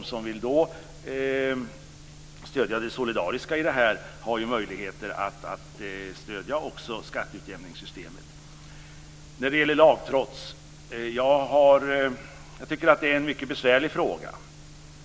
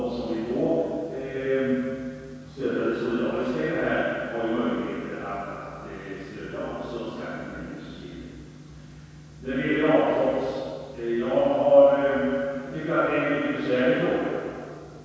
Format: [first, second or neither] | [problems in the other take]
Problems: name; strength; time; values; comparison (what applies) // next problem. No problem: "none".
first | room echo; dies away in 2 s